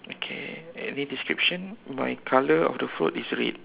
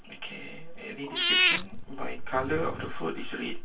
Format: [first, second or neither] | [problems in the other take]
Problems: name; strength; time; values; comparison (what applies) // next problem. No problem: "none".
first | background sound (Meow / Purr); 1 dB above the speech // room echo; dies away in 0.2 s